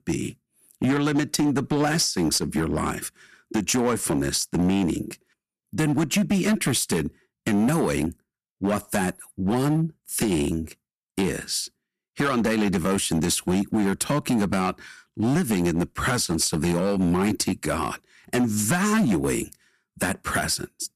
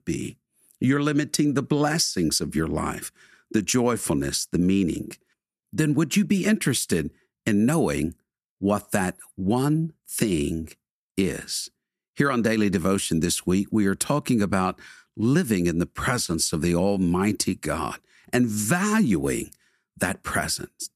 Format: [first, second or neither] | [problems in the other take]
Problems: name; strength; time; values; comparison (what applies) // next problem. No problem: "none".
second | distortion; slight; 9% of the sound clipped